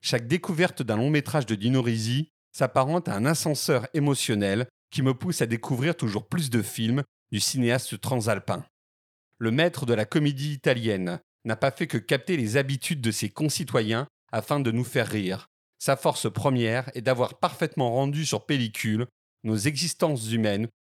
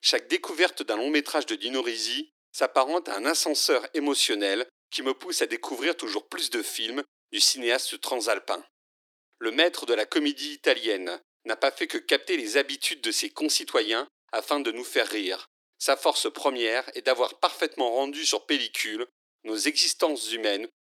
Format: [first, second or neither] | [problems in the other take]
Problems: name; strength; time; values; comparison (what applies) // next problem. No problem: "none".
first | thin; somewhat; fading below 300 Hz